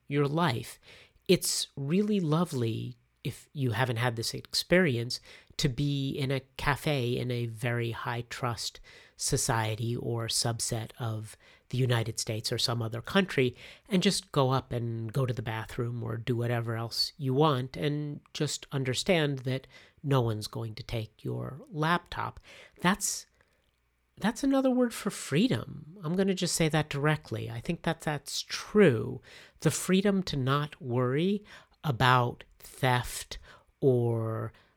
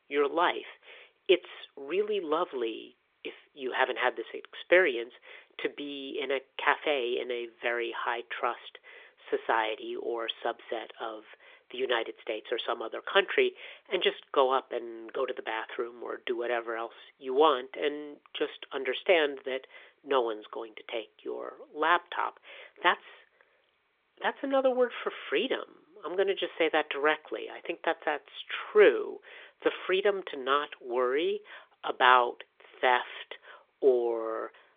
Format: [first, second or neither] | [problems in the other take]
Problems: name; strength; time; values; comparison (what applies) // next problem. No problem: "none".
first | phone-call audio; nothing above 3.5 kHz